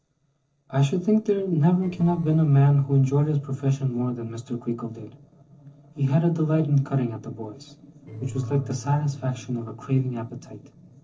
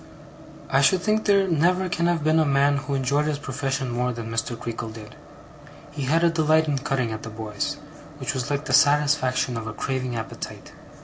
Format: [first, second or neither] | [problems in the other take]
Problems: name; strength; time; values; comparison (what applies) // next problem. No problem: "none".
second | noise reduction (neural separator model SepFormer DNS4)